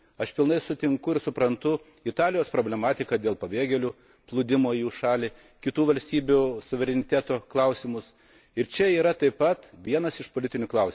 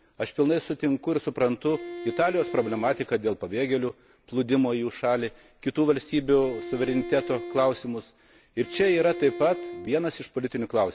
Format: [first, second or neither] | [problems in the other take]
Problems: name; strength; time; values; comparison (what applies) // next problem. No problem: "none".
first | background sound (Bowed string instrument); 12 dB below the speech